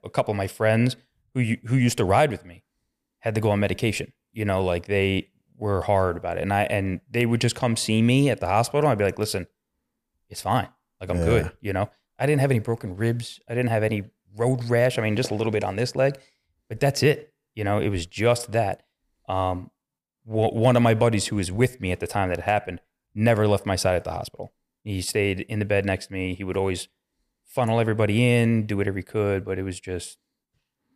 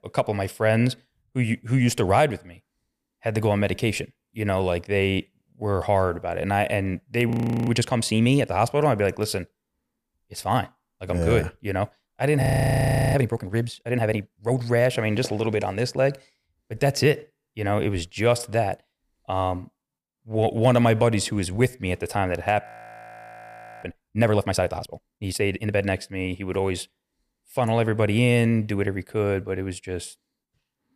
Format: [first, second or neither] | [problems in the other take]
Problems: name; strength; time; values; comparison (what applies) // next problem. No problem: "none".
first | audio freezing; at 7.5 s, at 12 s for 0.5 s and at 23 s for 1 s